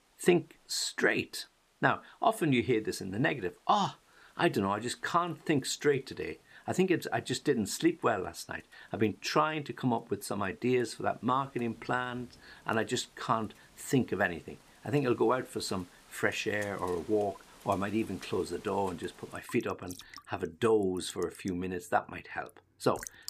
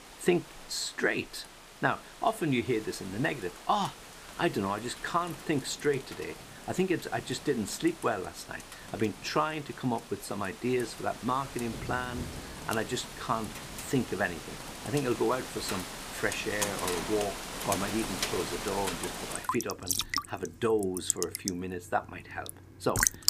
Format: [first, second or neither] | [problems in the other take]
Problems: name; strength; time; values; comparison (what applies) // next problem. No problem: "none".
first | rain or running water; loud; throughout; 5 dB below the speech; faint in the first